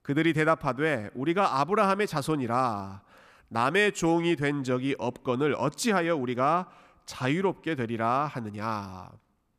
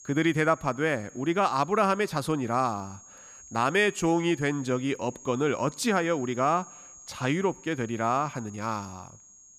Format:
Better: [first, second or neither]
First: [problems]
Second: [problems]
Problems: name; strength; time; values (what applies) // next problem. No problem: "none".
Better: first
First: none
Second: high-pitched whine; noticeable; throughout; 6.5 kHz, 20 dB below the speech